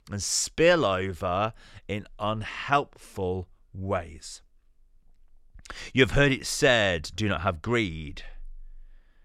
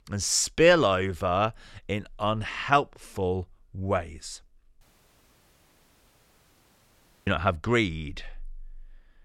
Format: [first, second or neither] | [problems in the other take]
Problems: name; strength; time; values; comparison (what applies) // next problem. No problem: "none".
first | audio cutting out; at 5 s for 2.5 s